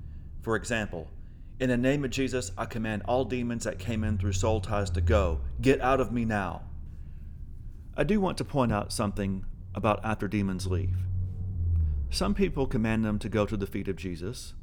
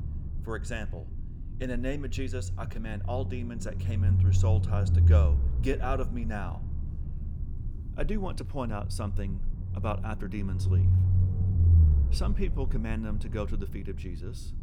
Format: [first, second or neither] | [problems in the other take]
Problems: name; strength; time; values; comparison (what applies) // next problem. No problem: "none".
first | low rumble; loud; throughout; 7 dB below the speech; faint in the first